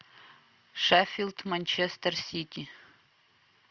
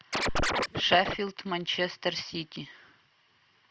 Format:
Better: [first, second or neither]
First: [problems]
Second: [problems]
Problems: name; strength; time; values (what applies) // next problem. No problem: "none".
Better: first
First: none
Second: background sound (Scratching (performance technique)); 3 dB above the speech